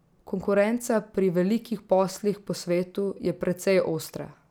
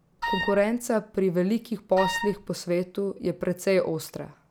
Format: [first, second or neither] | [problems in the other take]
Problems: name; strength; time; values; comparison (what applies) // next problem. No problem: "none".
first | background sound (Wind instrument, woodwind instrument); 5 dB below the speech